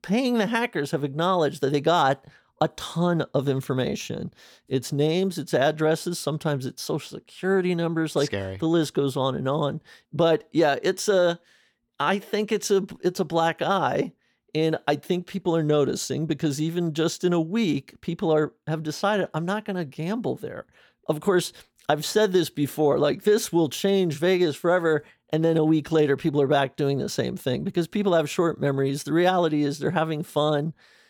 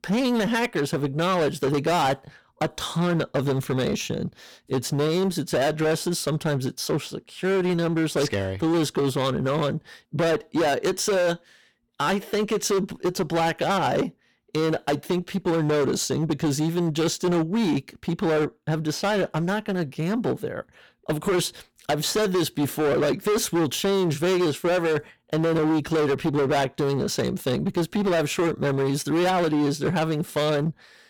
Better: first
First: none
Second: distortion; heavy; 19% of the sound clipped

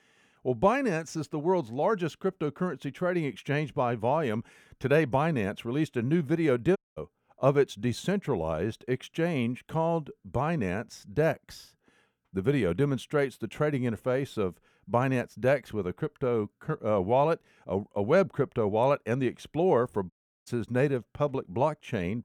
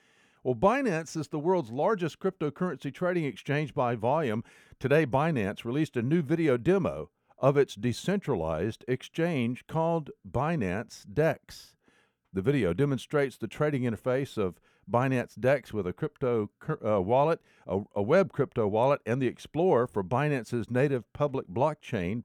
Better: second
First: audio cutting out; at 7 s and at 20 s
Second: none

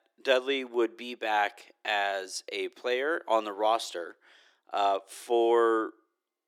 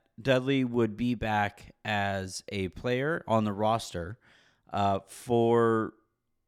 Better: second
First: thin; very; fading below 350 Hz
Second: none

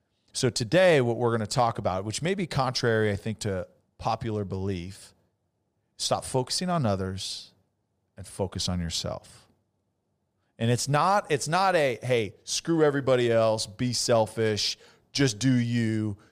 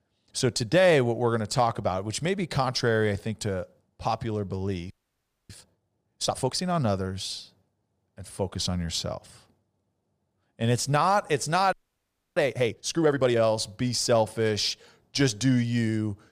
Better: first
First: none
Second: audio freezing; at 5 s for 0.5 s and at 12 s for 0.5 s

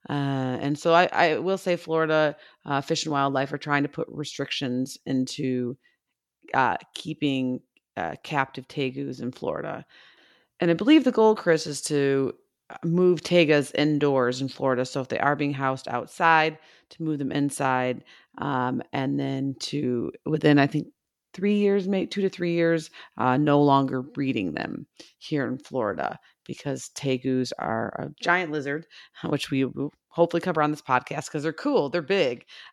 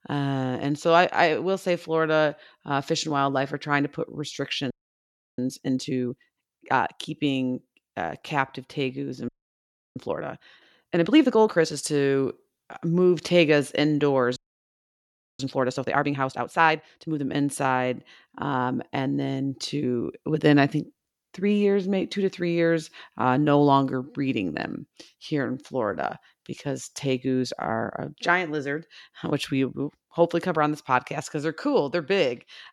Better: first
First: none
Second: audio freezing; at 4.5 s for 0.5 s, at 9.5 s for 0.5 s and at 14 s for 1 s

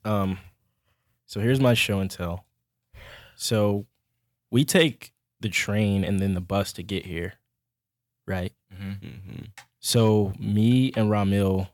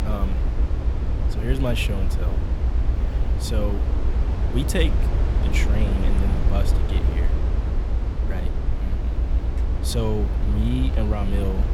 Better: first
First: none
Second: low rumble; loud; throughout; 4 dB below the speech

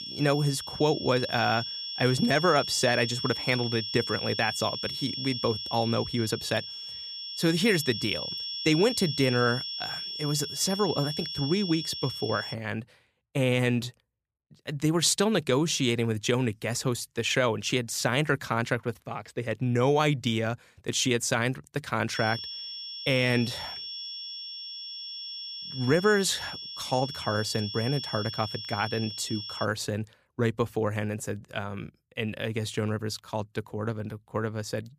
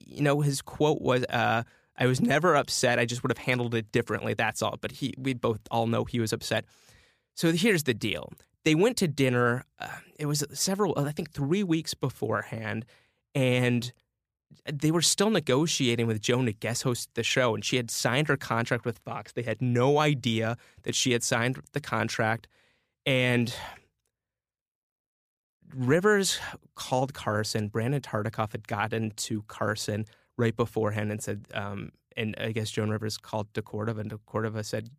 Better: second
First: high-pitched whine; loud; until 13 s and from 22 to 30 s; 5.5 kHz, 6 dB below the speech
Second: none

